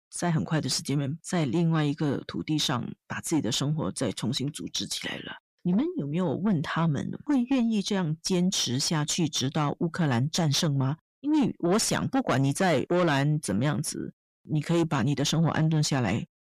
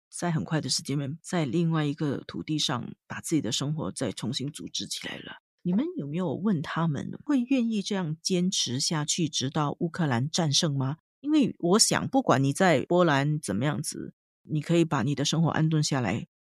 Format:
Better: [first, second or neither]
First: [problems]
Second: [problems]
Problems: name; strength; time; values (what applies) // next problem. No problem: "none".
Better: second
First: distortion; slight; 10 dB below the speech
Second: none